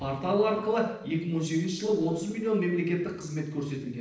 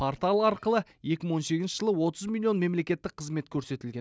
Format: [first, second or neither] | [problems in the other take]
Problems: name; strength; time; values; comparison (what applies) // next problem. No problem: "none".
second | noise reduction (neural separator model SepFormer DNS4)